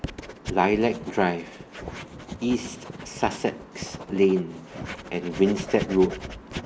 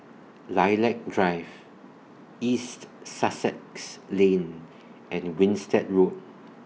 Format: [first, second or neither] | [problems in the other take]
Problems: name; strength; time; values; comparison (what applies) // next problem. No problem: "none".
second | background sound (Writing); 12 dB below the speech